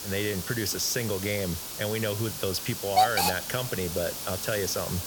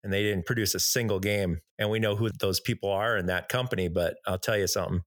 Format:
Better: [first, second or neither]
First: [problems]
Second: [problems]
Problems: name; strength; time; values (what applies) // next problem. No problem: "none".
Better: second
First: hiss; loud; throughout; 1 dB below the speech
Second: none